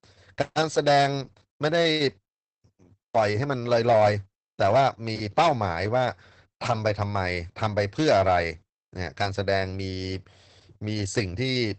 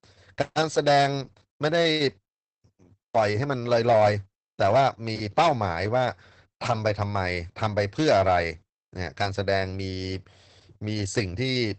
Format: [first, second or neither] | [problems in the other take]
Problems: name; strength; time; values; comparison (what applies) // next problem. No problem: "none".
neither | garbled, watery; badly; nothing above 8 kHz; the same in both